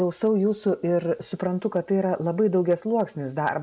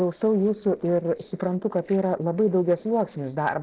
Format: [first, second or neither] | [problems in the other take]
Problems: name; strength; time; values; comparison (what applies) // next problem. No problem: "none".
first | noise reduction (neural separator model SepFormer DNS4)